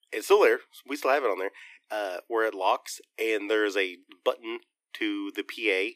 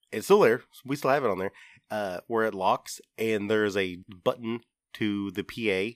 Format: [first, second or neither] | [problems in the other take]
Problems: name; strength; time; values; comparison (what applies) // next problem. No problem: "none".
second | thin; somewhat; fading below 300 Hz